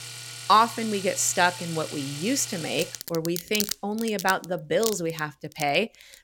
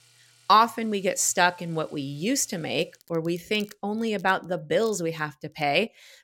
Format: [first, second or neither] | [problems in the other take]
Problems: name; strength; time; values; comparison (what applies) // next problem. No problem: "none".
second | household noises; loud; throughout; 9 dB below the speech; faint in the second